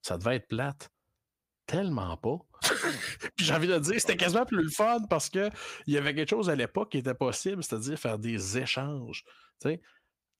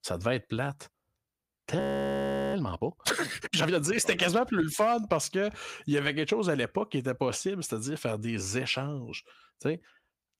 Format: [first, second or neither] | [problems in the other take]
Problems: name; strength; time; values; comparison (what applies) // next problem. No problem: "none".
first | audio freezing; at 2 s for 0.5 s